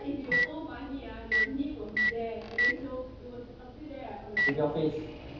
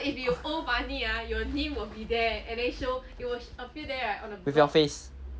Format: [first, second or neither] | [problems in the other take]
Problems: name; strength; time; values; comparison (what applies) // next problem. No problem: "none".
second | background sound (Microwave oven); 2 dB above the speech // room echo; dies away in 0.9 s